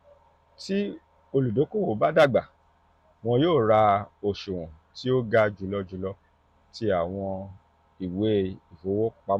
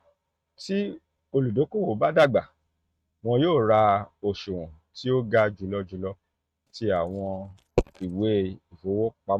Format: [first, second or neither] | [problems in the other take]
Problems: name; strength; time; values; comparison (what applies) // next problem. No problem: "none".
first | noise reduction (neural mask model RNNoise)